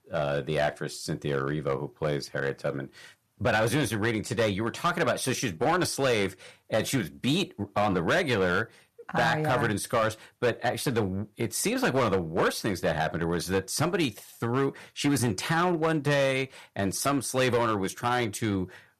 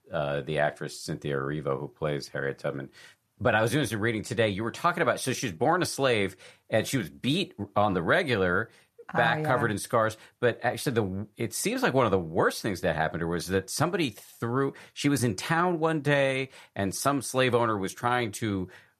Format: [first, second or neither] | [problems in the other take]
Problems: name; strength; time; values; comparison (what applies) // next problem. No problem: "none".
second | distortion; slight; 6% of the sound clipped